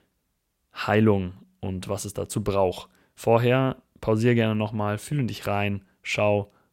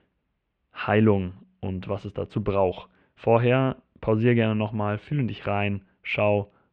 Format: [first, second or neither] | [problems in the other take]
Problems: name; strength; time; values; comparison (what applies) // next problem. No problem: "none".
first | muffled; very; fading above 3 kHz